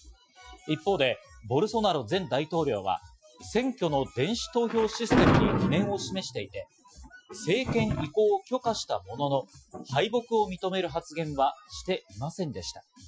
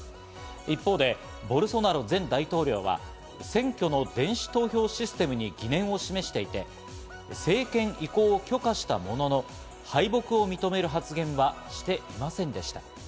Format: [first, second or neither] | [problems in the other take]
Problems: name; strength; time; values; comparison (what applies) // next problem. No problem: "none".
second | noise reduction (classical method Wiener filter)